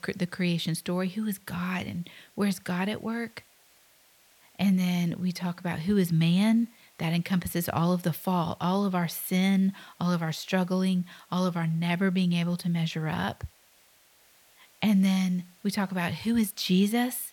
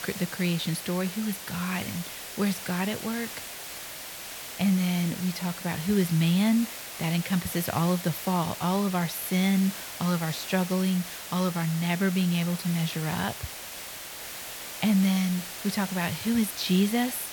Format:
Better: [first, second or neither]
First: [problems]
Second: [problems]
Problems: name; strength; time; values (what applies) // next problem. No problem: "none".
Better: first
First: hiss; faint; throughout; 30 dB below the speech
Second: hiss; loud; throughout; 9 dB below the speech